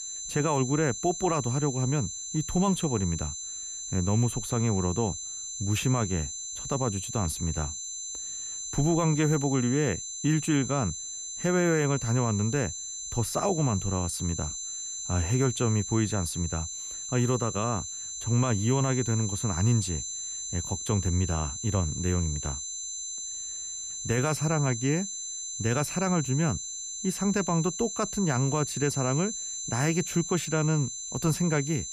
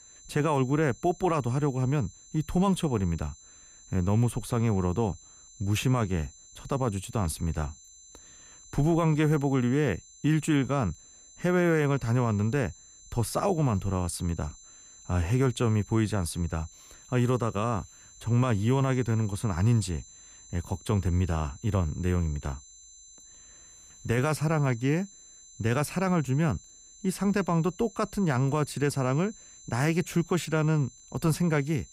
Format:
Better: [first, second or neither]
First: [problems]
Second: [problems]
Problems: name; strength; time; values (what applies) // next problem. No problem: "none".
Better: second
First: high-pitched whine; loud; throughout; 7.5 kHz, 5 dB below the speech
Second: high-pitched whine; faint; throughout; 7.5 kHz, 20 dB below the speech